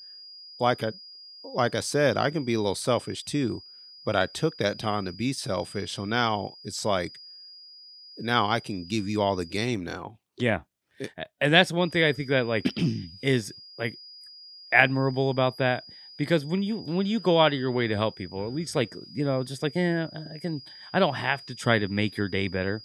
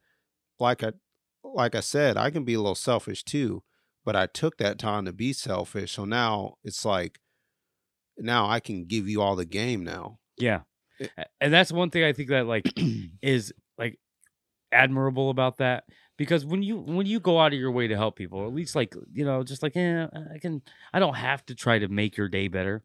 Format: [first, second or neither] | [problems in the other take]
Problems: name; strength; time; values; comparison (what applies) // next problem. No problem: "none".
second | high-pitched whine; noticeable; until 9.5 s and from 12 s on; 5 kHz, 20 dB below the speech